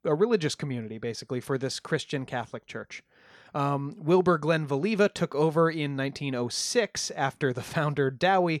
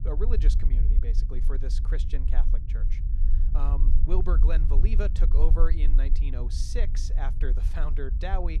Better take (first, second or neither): first